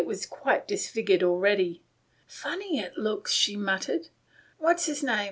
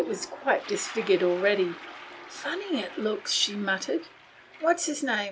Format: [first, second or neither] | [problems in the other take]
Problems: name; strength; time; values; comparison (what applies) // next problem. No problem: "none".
first | background sound (Toilet flush); 16 dB below the speech